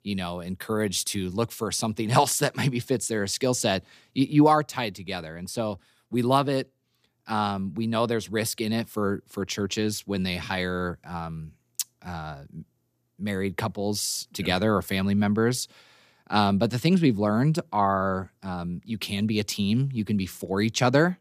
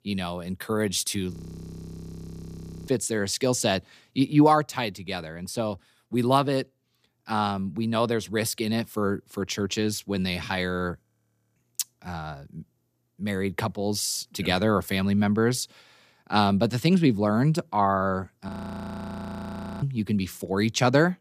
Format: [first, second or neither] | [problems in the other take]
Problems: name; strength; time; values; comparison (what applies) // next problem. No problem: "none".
first | audio freezing; at 1.5 s for 1.5 s, at 11 s for 0.5 s and at 18 s for 1.5 s